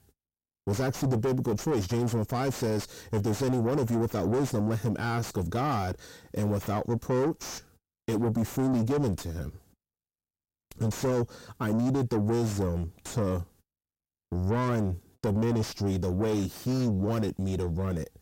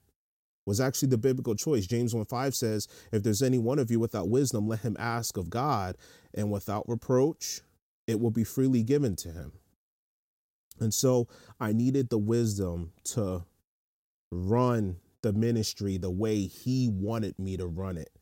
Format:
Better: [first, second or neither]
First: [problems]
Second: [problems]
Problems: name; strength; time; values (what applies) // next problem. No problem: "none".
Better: second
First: distortion; heavy; 7 dB below the speech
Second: none